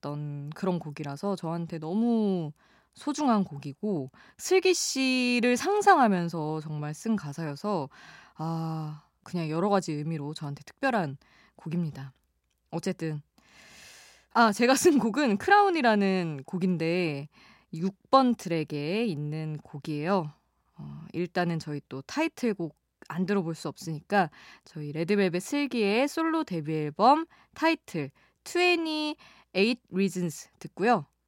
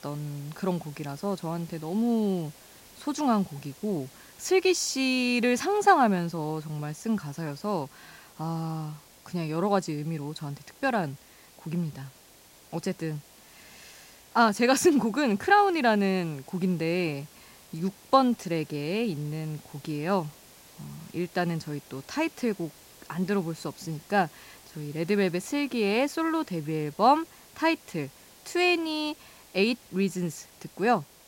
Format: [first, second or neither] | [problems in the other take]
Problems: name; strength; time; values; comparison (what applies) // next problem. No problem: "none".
first | hiss; faint; throughout; 25 dB below the speech